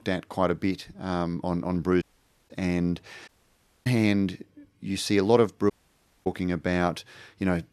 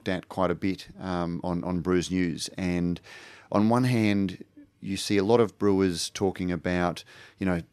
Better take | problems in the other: second | audio cutting out; at 2 s, at 3.5 s for 0.5 s and at 5.5 s for 0.5 s

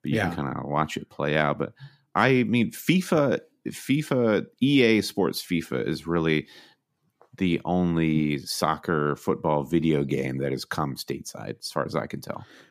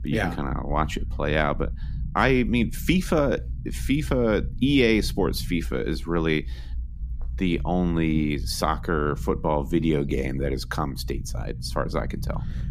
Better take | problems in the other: first | low rumble; faint; throughout; 25 dB below the speech

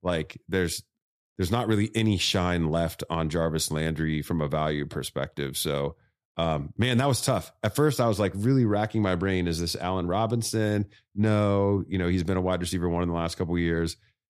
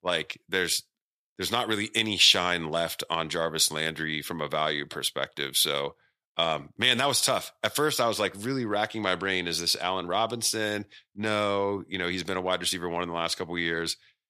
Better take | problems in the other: first | thin; somewhat; fading below 950 Hz

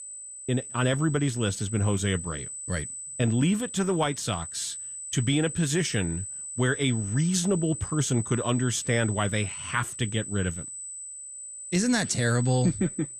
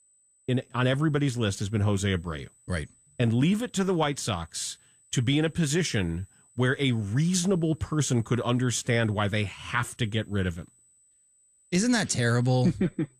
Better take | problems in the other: second | high-pitched whine; loud; throughout; 8 kHz, 8 dB below the speech; faint in the second

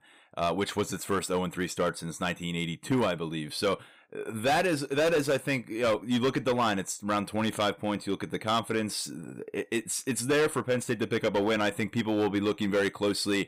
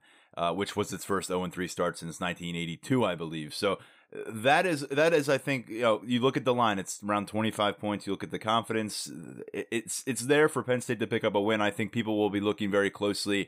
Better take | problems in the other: second | distortion; slight; 7% of the sound clipped

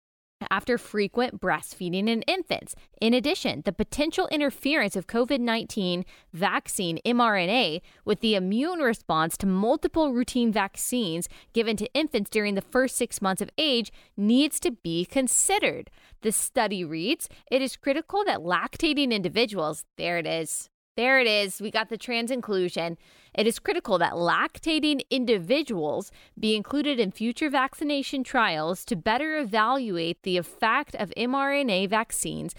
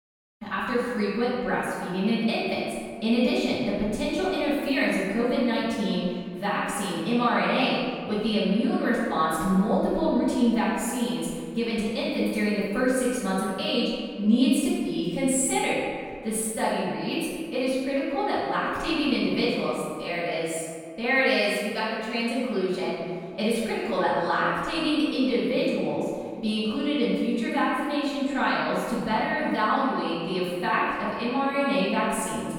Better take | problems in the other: first | room echo; strong; dies away in 1.8 s // off-mic speech; far

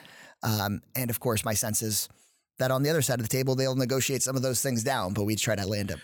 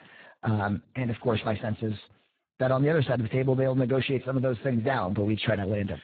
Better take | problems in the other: first | garbled, watery; badly; nothing above 4 kHz

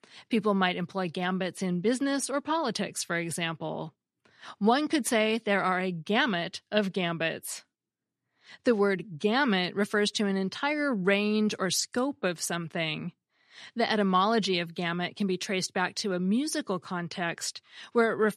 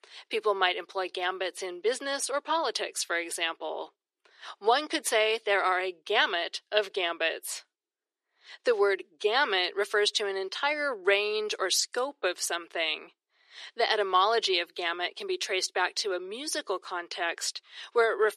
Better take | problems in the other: first | thin; very; fading below 350 Hz

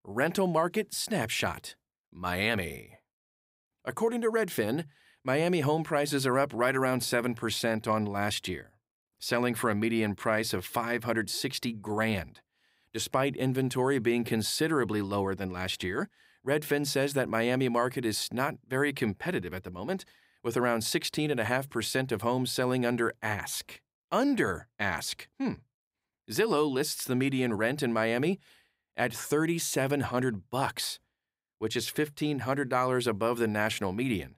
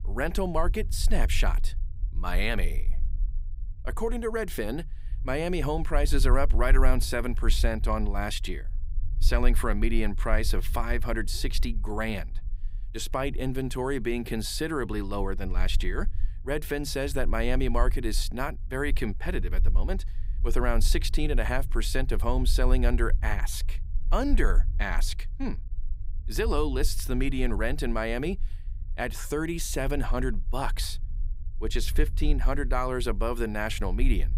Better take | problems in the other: first | low rumble; faint; throughout; 25 dB below the speech

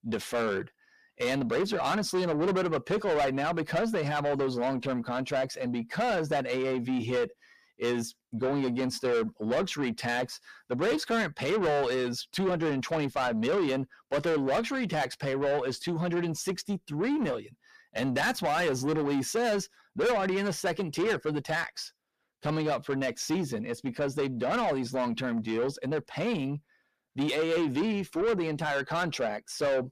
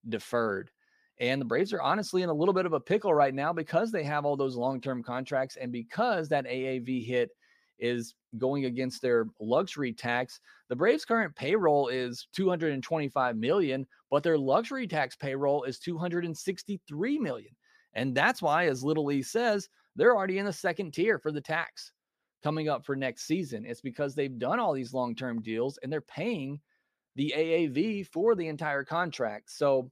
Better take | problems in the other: second | distortion; heavy; 7 dB below the speech

